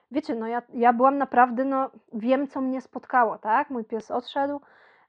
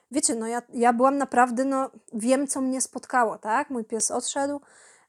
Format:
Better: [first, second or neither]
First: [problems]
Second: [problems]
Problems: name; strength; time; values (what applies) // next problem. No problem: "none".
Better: second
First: muffled; very; fading above 3.5 kHz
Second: none